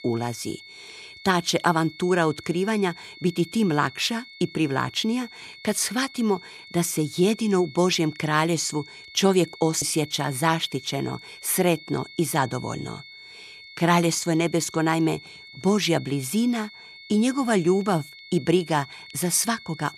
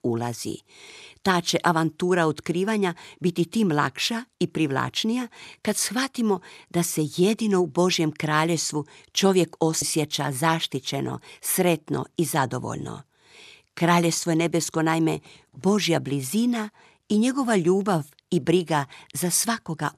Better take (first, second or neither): second